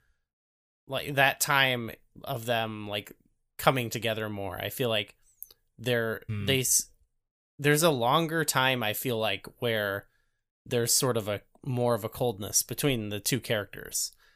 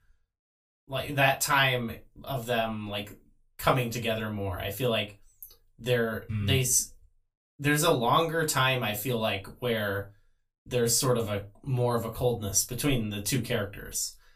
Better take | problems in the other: first | off-mic speech; far // room echo; very slight; dies away in 0.2 s

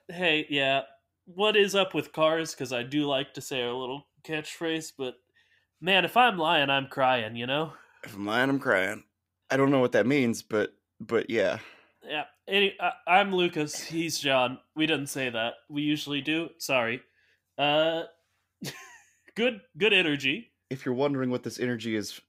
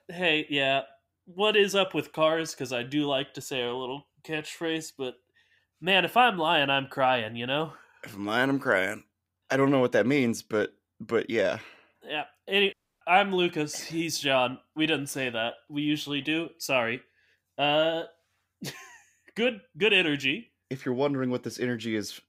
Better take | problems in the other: first | audio cutting out; at 13 s

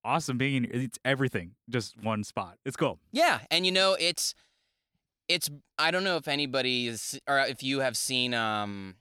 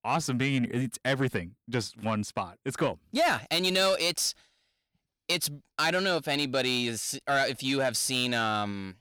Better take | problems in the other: first | distortion; slight; 10 dB below the speech

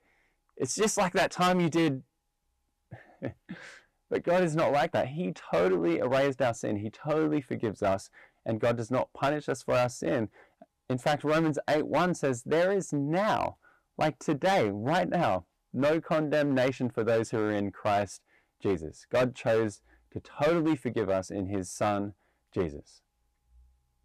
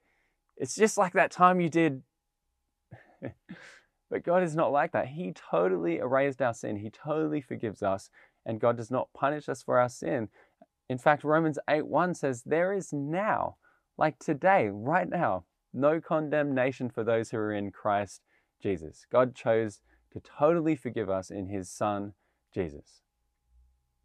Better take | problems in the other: second | distortion; heavy; 9% of the sound clipped

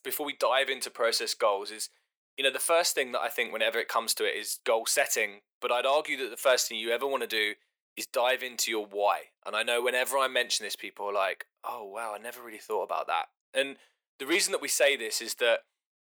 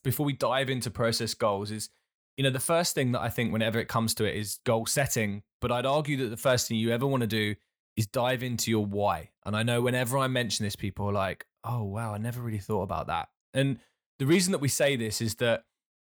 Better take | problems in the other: second | thin; very; fading below 400 Hz

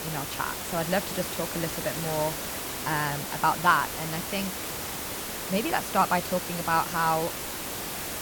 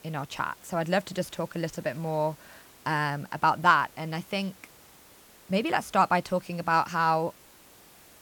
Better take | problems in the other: second | hiss; loud; throughout; 4 dB below the speech; faint in the second

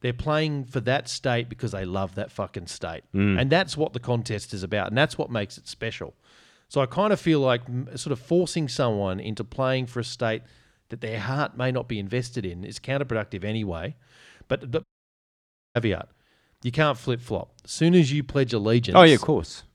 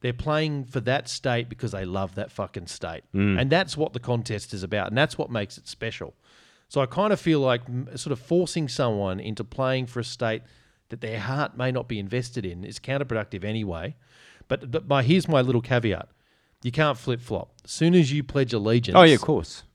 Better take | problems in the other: second | audio cutting out; at 15 s for 1 s

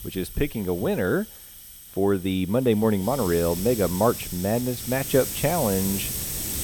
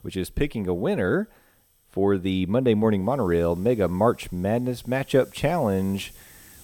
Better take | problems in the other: second | hiss; loud; throughout; 7 dB below the speech; faint in the second

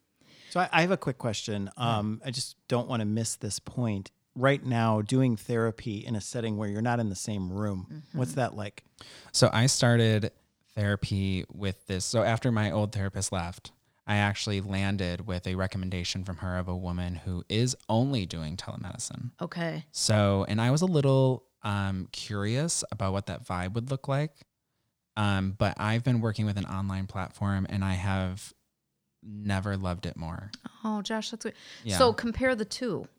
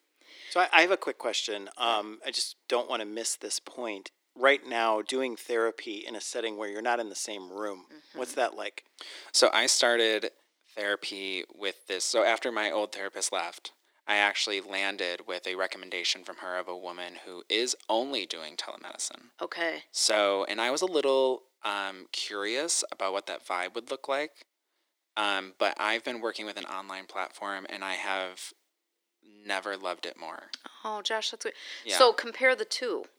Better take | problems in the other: first | thin; very; fading below 350 Hz

